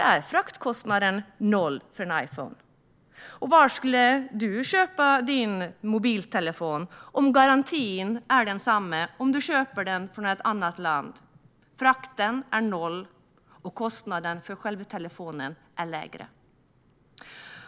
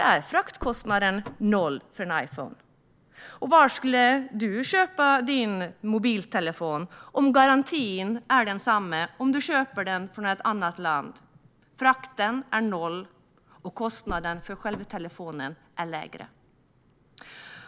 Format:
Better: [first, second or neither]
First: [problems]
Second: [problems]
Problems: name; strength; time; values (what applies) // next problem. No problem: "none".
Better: first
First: none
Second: background sound (Car); 15 dB below the speech